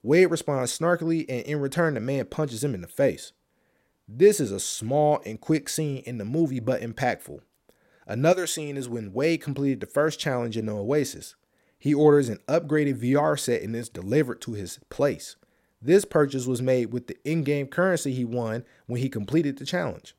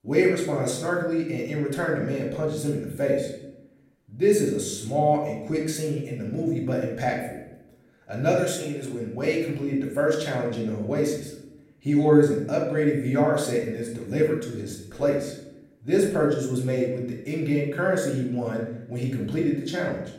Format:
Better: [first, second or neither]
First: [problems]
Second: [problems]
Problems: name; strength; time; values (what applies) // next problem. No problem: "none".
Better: first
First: none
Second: room echo; noticeable; dies away in 0.7 s // off-mic speech; far